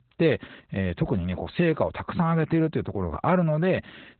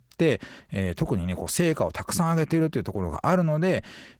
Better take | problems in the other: second | garbled, watery; badly; nothing above 4 kHz; slightly in the second

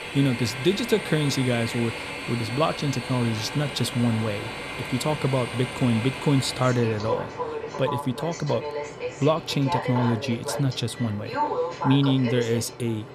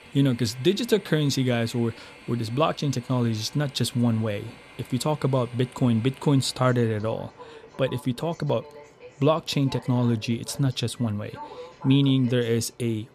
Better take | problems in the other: second | train or aircraft noise; loud; throughout; 6 dB below the speech; faint in the second

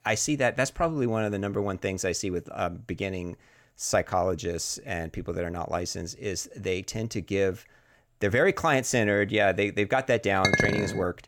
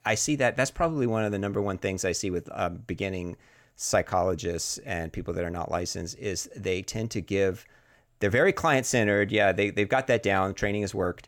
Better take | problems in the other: second | clattering dishes; loud; at 10 s; peak 4 dB above the speech

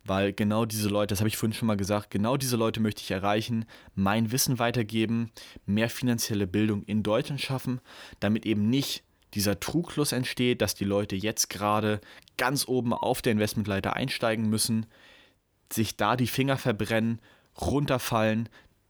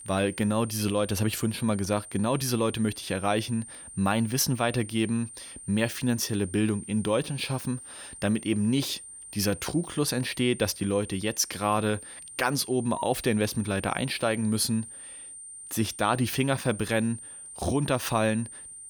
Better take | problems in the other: first | high-pitched whine; noticeable; throughout; 9 kHz, 15 dB below the speech

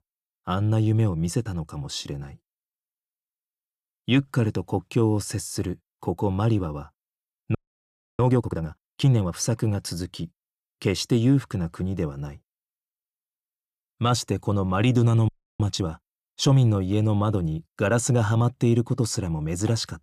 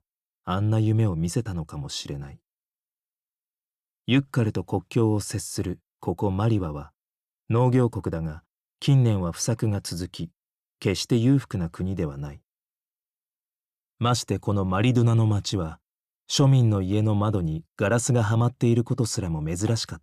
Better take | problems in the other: second | audio freezing; at 7.5 s for 0.5 s and at 15 s

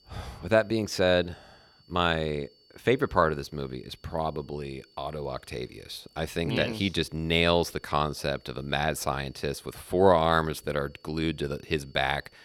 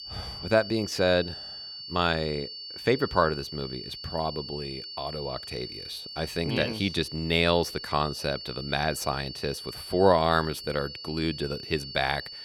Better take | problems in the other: first | high-pitched whine; loud; throughout; 4.5 kHz, 10 dB below the speech; faint in the first

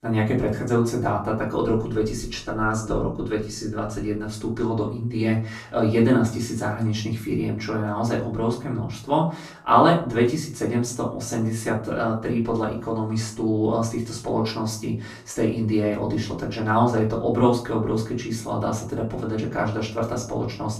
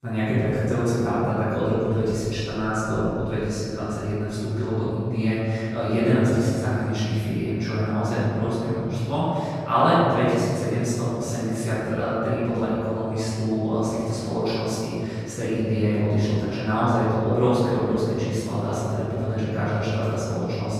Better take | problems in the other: first | room echo; strong; dies away in 2.5 s; slight in the first // off-mic speech; far; far in the first

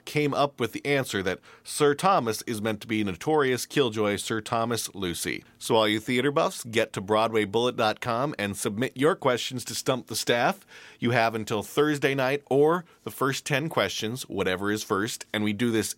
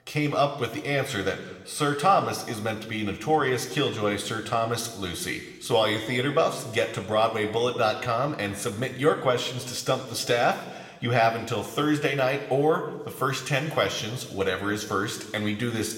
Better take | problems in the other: first | room echo; slight; dies away in 1.1 s

